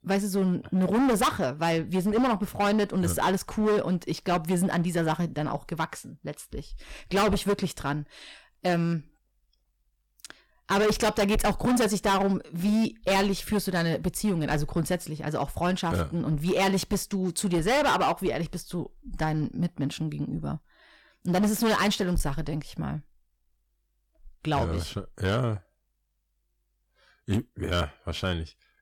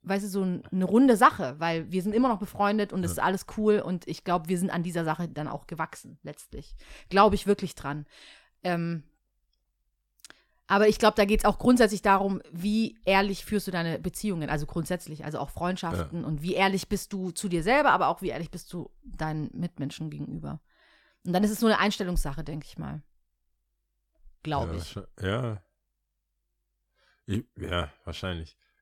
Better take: second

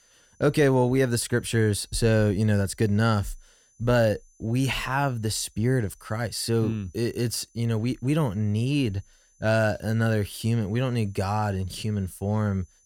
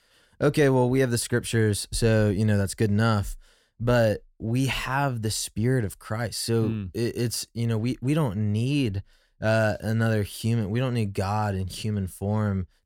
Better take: second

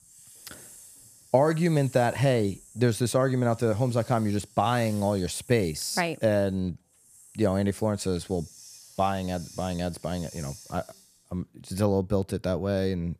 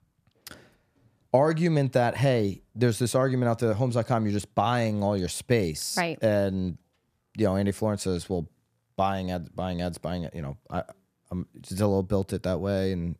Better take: second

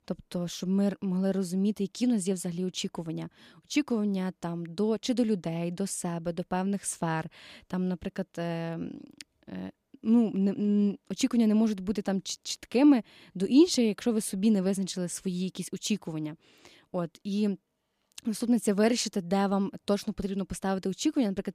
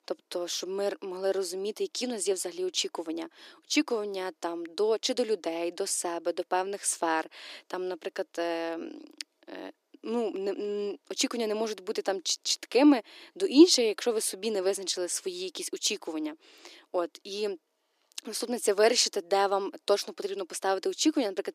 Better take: first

